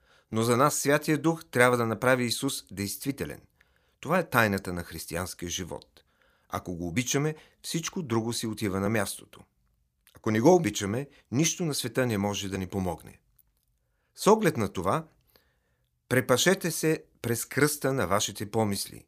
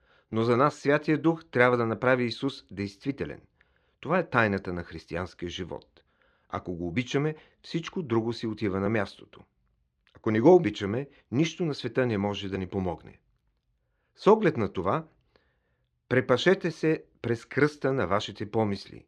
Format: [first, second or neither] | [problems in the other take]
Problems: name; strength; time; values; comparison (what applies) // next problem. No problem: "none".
first | muffled; slightly; fading above 3.5 kHz